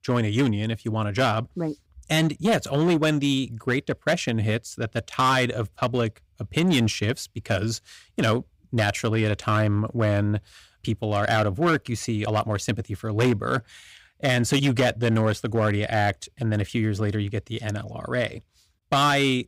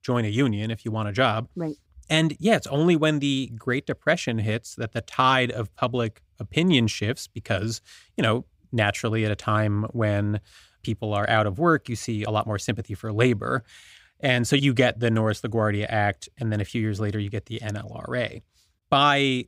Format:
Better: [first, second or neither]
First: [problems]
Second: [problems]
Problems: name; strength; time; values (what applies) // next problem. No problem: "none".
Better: second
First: distortion; slight; 5% of the sound clipped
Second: none